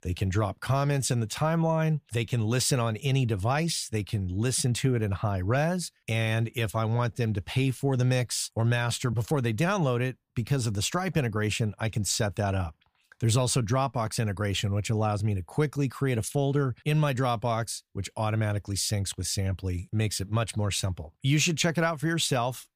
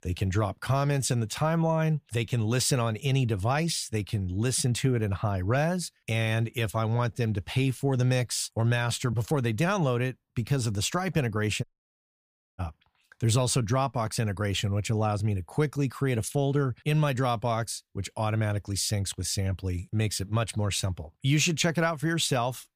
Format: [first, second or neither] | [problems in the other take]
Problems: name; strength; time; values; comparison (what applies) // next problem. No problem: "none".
first | audio cutting out; at 12 s for 1 s